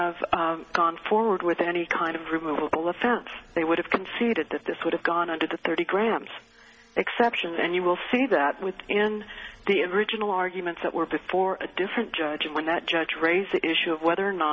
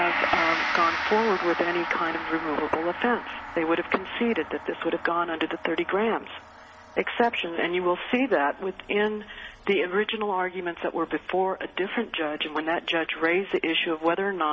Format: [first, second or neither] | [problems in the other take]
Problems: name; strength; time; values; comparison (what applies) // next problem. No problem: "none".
first | background sound (Gong); 9 dB below the speech